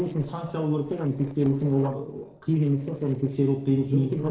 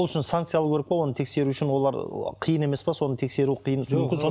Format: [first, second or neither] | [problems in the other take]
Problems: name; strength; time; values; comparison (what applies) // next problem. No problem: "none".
second | noise reduction (neural separator model SepFormer DNS4)